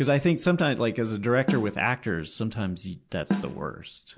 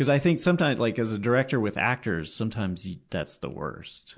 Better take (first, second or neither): second